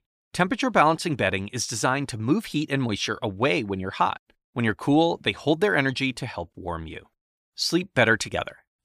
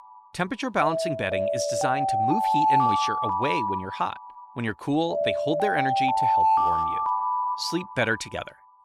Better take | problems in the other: first | alarms or sirens; very loud; throughout; 4 dB above the speech

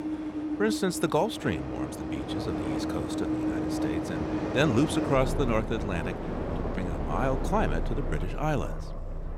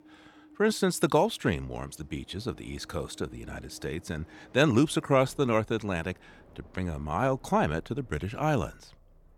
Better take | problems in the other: second | train or aircraft noise; loud; throughout; 2 dB below the speech; faint in the second

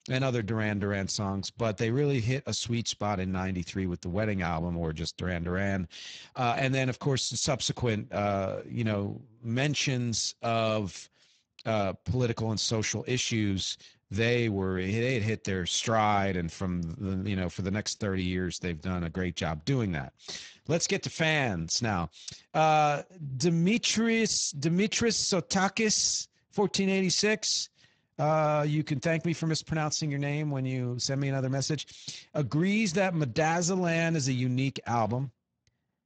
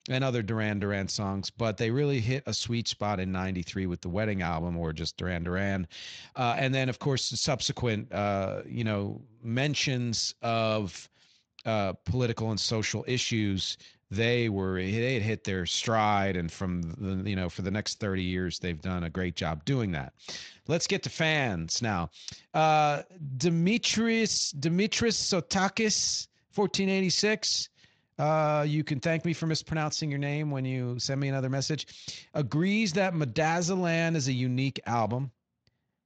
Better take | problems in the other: second | garbled, watery; badly; nothing above 7.5 kHz; slightly in the second

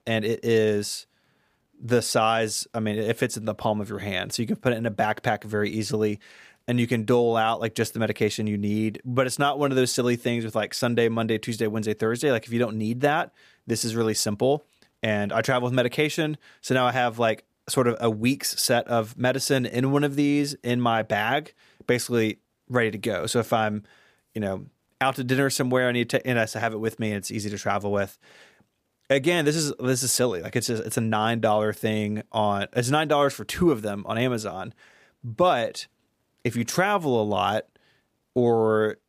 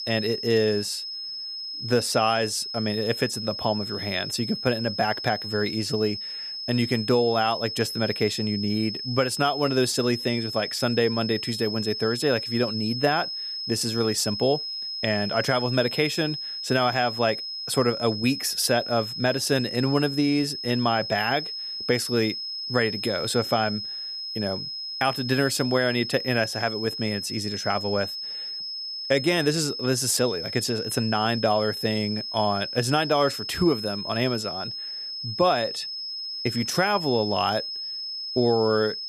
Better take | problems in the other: first | high-pitched whine; loud; throughout; 5 kHz, 5 dB below the speech

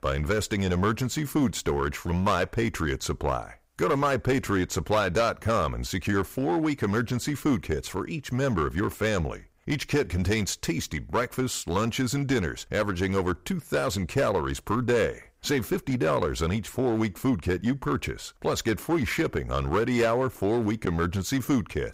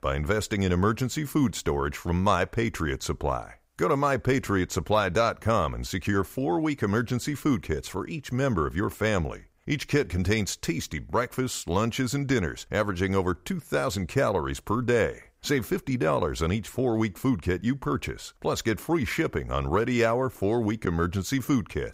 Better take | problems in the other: second | distortion; slight; 6% of the sound clipped

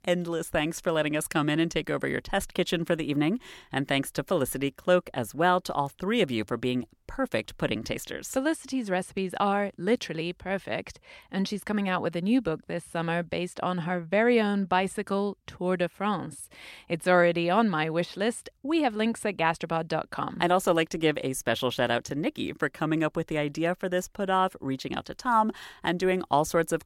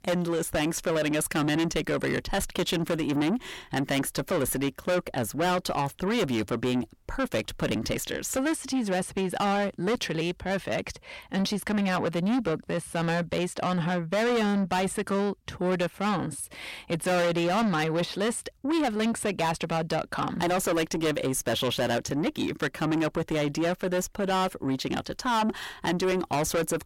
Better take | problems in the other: first | distortion; heavy; 7 dB below the speech

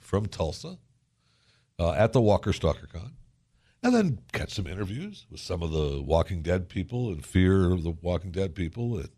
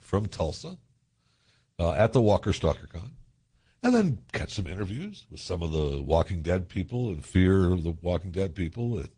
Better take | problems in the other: first | garbled, watery; slightly; nothing above 9.5 kHz

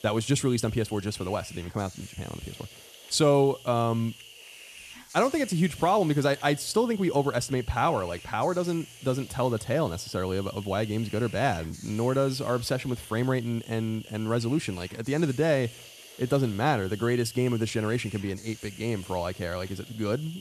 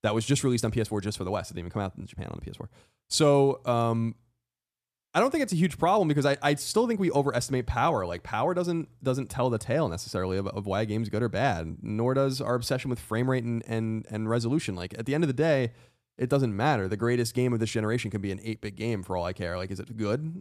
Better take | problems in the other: second | hiss; noticeable; throughout; 20 dB below the speech

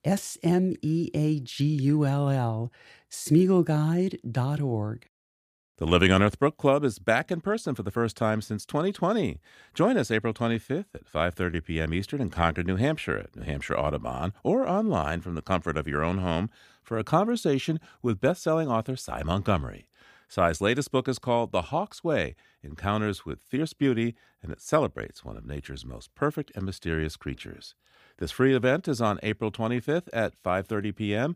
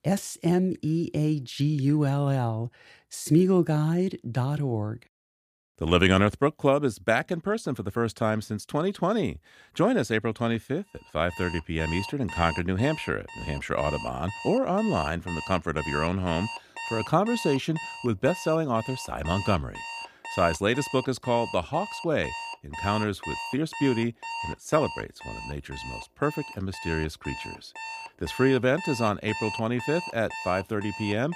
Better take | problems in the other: first | alarms or sirens; noticeable; from 11 s on; 10 dB below the speech

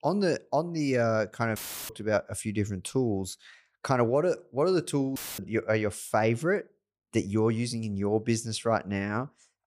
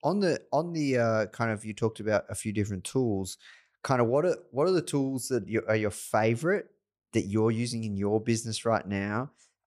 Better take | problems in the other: second | audio cutting out; filled with static; at 1.5 s and at 5 s

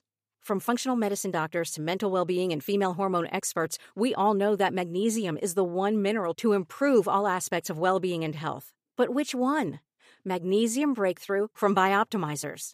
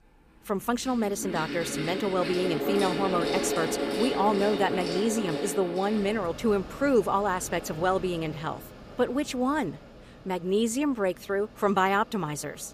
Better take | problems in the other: first | machinery noise; loud; throughout; 5 dB below the speech

